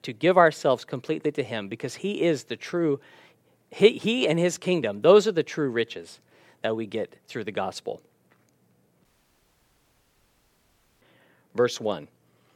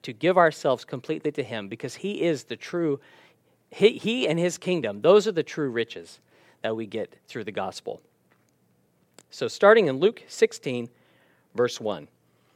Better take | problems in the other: second | audio cutting out; at 9 s for 2 s

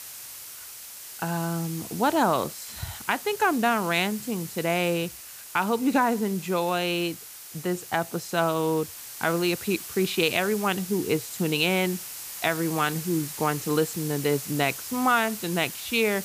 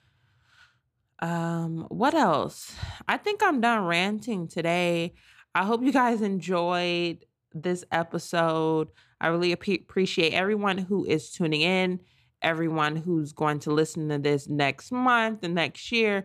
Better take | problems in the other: second | hiss; noticeable; throughout; 10 dB below the speech

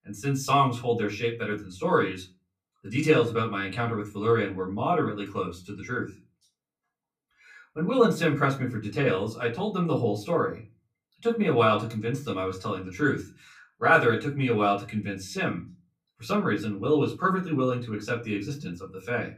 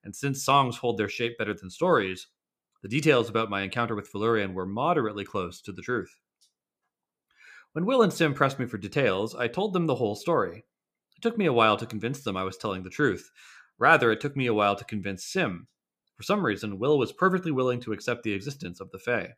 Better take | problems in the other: second | off-mic speech; far // room echo; very slight; dies away in 0.2 s

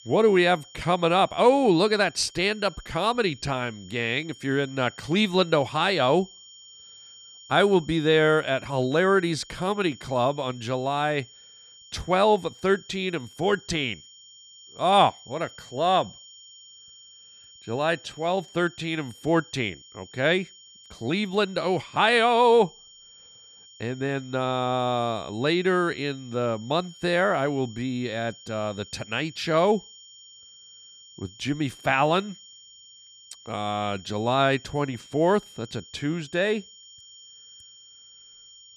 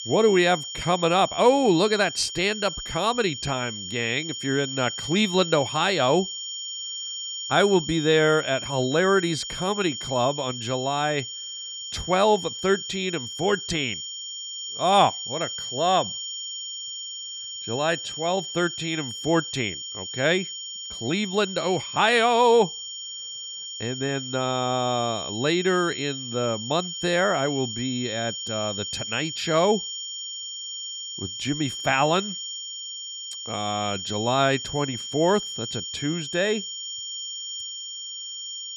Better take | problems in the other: first | high-pitched whine; loud; throughout; 3 kHz, 7 dB below the speech; faint in the first

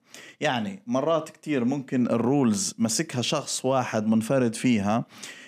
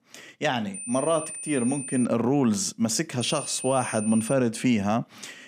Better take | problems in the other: first | high-pitched whine; loud; from 0.5 to 2 s and from 3 to 4.5 s; 9 kHz, 9 dB below the speech

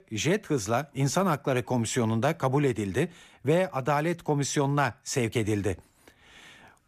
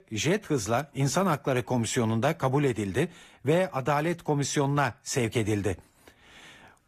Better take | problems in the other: first | garbled, watery; slightly; nothing above 14.5 kHz

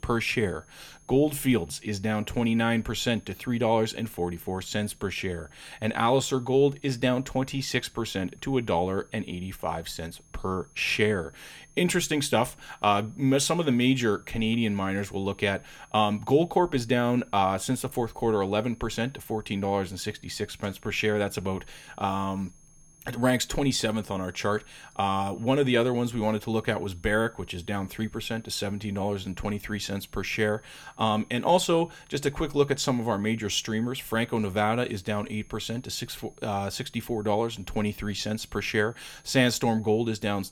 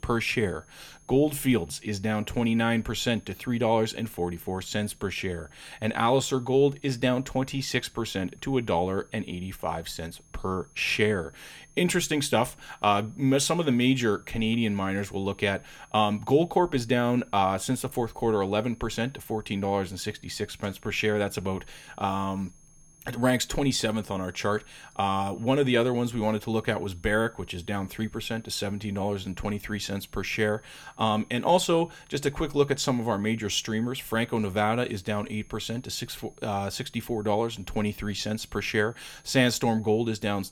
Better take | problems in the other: neither | high-pitched whine; faint; throughout; 6.5 kHz, 30 dB below the speech; the same in both

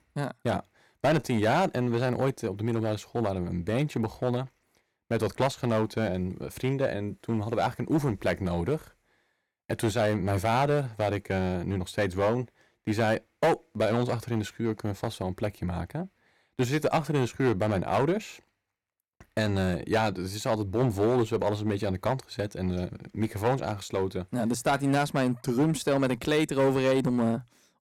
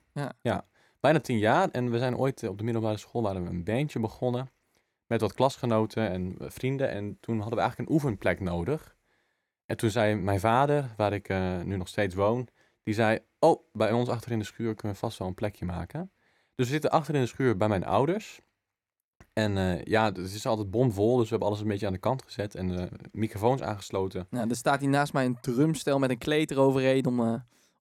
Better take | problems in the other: second | distortion; slight; 5% of the sound clipped

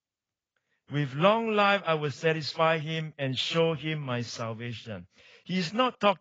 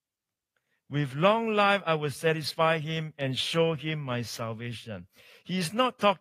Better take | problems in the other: second | garbled, watery; badly; nothing above 7.5 kHz; slightly in the second

